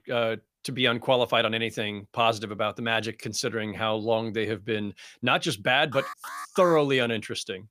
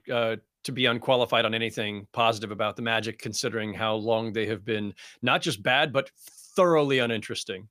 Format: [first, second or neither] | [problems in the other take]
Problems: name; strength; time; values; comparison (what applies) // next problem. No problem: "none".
second | alarm; faint; at 6 s; peak 10 dB below the speech